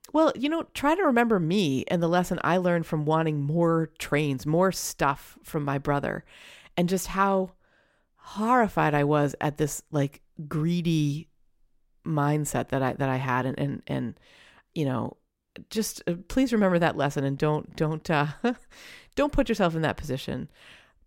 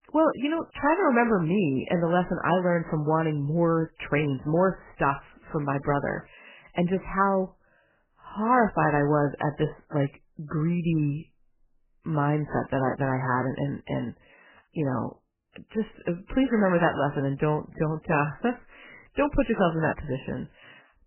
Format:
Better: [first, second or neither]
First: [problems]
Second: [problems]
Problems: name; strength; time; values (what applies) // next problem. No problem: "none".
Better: first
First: none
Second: garbled, watery; badly; nothing above 3 kHz